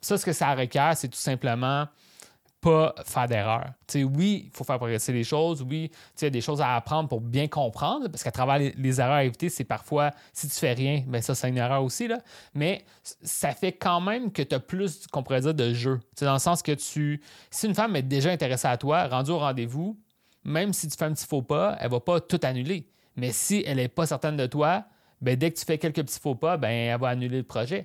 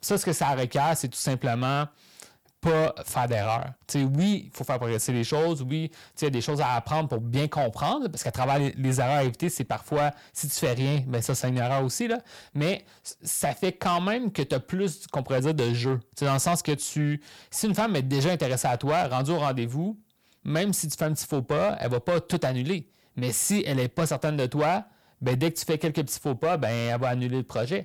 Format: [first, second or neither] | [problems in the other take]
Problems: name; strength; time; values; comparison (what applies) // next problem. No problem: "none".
first | distortion; slight; 7% of the sound clipped